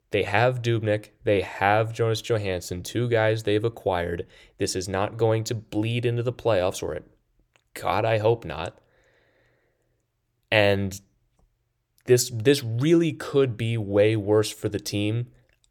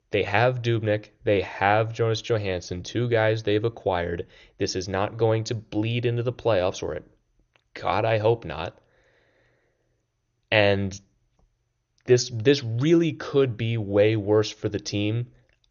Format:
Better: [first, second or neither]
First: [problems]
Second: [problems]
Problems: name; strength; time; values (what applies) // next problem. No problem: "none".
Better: first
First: none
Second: garbled, watery; slightly; nothing above 6.5 kHz